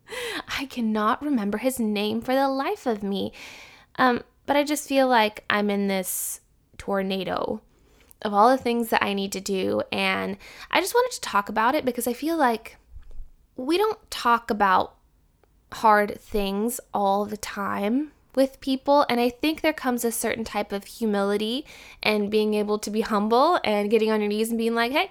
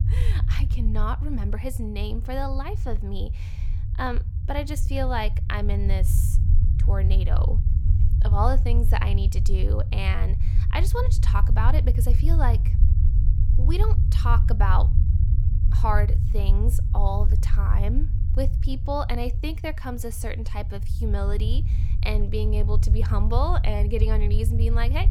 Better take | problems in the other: first | low rumble; loud; throughout; 9 dB below the speech

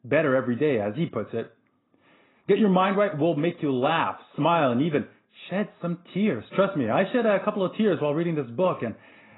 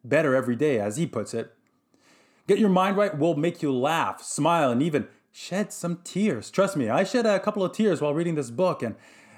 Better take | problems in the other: second | garbled, watery; badly; nothing above 4 kHz

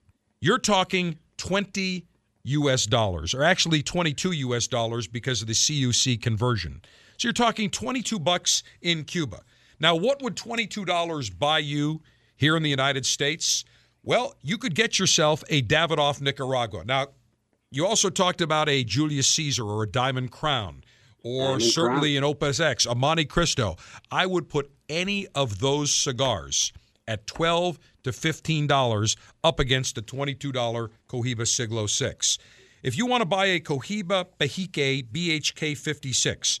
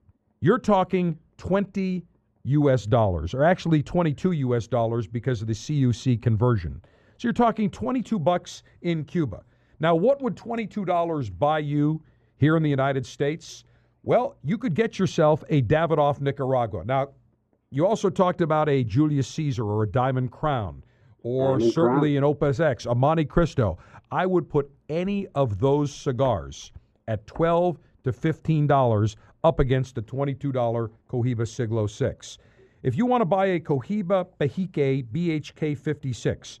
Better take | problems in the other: first | muffled; very; fading above 2 kHz

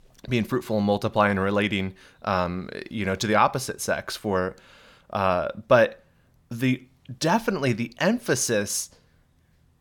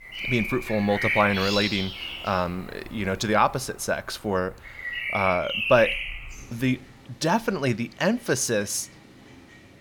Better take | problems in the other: first | animal sounds; loud; throughout; 3 dB below the speech

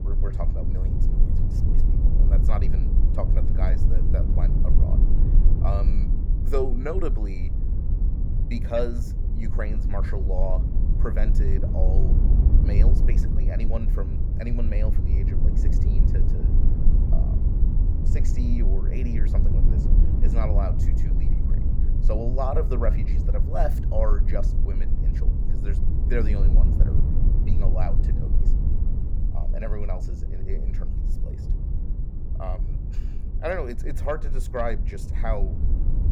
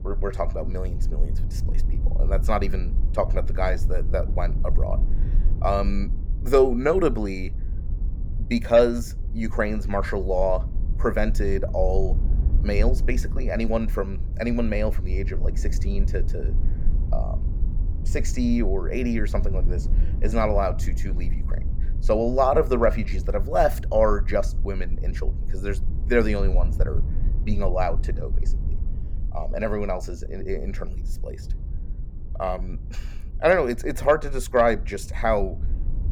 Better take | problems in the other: second | low rumble; loud; throughout; 7 dB below the speech; faint in the second

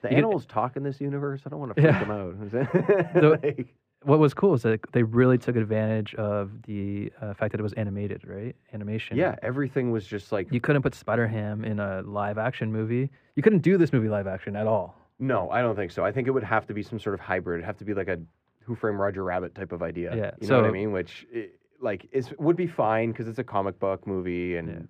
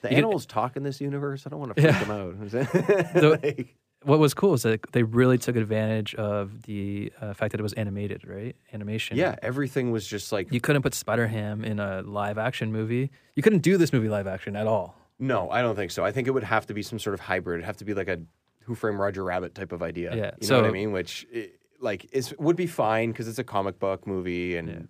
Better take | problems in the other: second | muffled; very; fading above 4 kHz

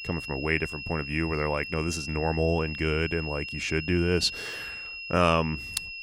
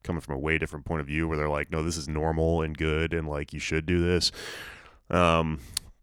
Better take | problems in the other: second | high-pitched whine; loud; throughout; 2.5 kHz, 8 dB below the speech

